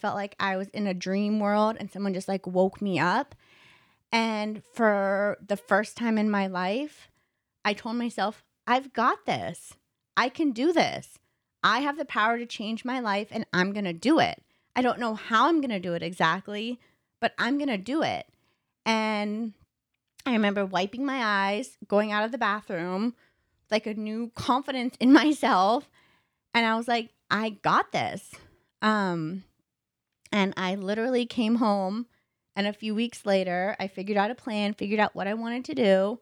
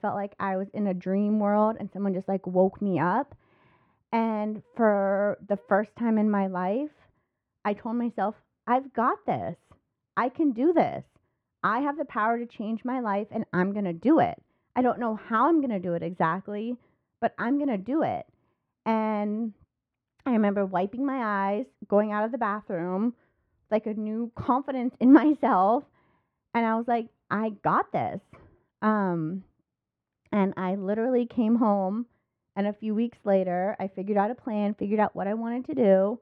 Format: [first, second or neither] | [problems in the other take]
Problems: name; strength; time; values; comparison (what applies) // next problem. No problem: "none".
first | muffled; very; fading above 3 kHz